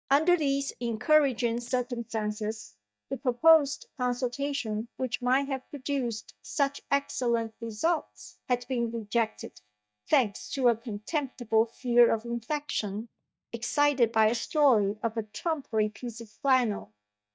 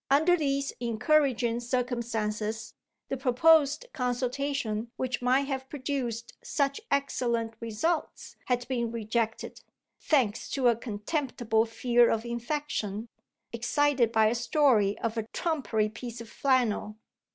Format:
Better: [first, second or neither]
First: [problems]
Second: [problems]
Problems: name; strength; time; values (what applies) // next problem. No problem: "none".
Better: second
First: noise reduction (neural mask model DeepFilterNet 3)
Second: none